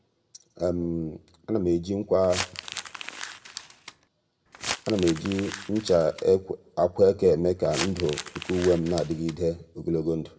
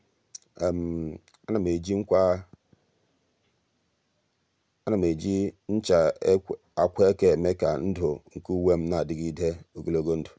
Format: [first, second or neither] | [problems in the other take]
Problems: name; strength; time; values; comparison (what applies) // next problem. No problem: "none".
second | background sound (Crumpling, crinkling); 11 dB below the speech // room echo; dies away in 0.4 s